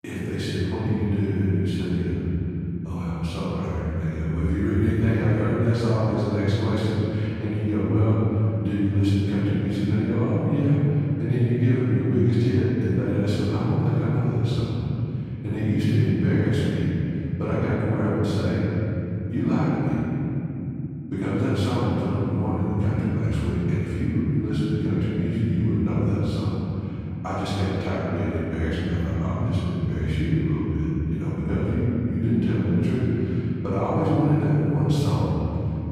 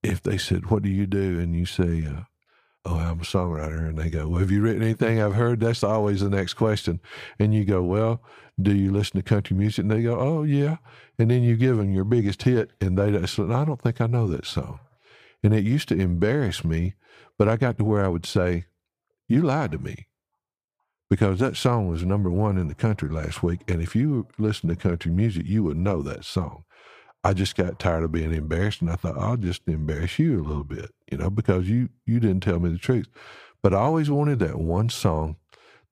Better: second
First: off-mic speech; far // room echo; strong; dies away in 3 s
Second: none

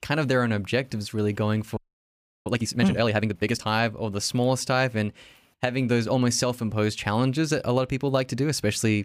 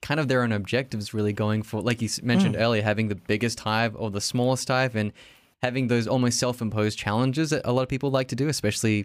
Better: second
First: audio freezing; at 2 s for 0.5 s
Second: none

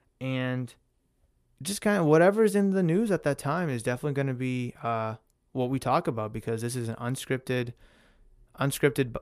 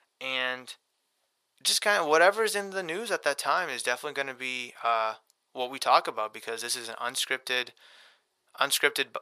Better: first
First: none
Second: thin; very; fading below 850 Hz

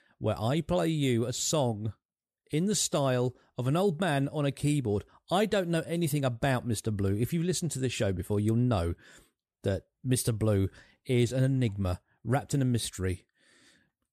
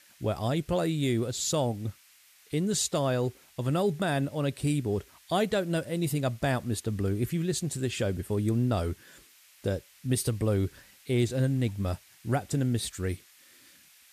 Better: first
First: none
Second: hiss; faint; throughout; 25 dB below the speech

